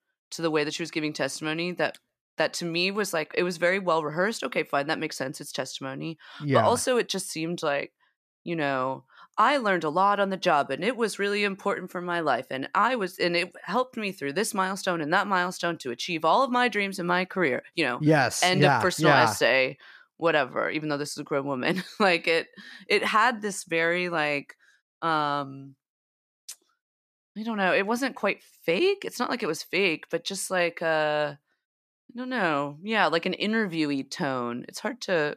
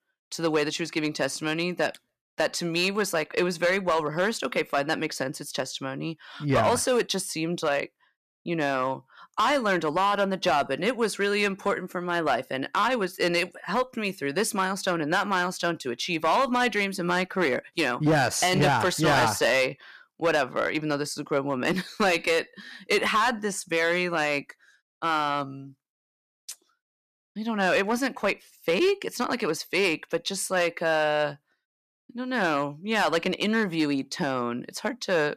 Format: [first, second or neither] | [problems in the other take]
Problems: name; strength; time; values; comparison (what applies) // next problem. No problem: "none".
first | distortion; slight; 4% of the sound clipped